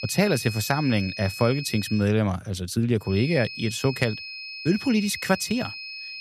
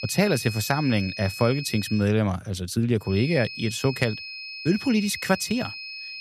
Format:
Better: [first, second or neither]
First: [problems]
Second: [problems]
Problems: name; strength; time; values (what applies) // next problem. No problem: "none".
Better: neither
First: high-pitched whine; loud; until 2 s and from 3 s on; 2.5 kHz, 10 dB below the speech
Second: high-pitched whine; loud; until 2 s and from 3 s on; 2.5 kHz, 10 dB below the speech